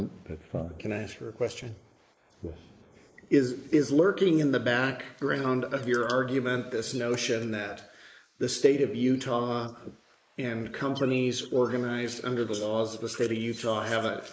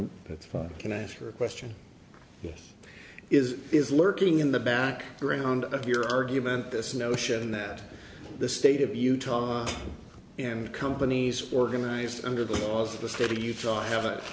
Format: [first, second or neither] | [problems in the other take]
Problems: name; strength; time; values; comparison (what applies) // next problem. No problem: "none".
second | noise reduction (neural mask model Resemble Enhance denoiser)